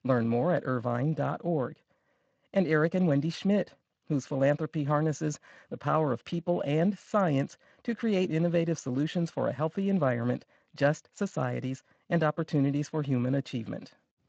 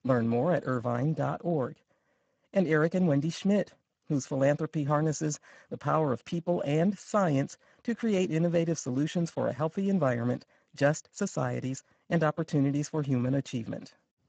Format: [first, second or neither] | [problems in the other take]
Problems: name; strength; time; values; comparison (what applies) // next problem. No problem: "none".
first | garbled, watery; badly; nothing above 7.5 kHz; slightly in the first